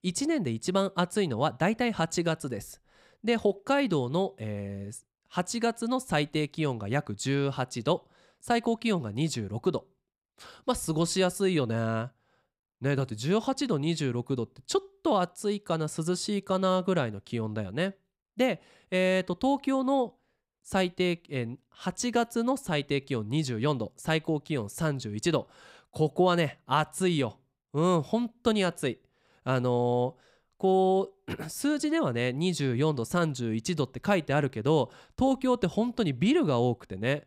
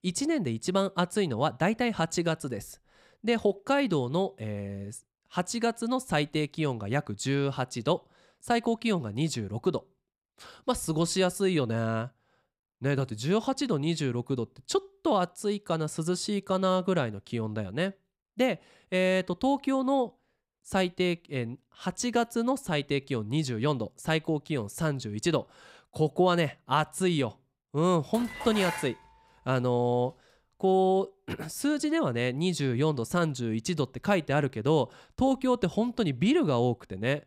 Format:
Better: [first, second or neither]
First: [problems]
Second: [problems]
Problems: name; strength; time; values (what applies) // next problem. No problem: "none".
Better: first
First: none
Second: clattering dishes; noticeable; at 28 s; peak 5 dB below the speech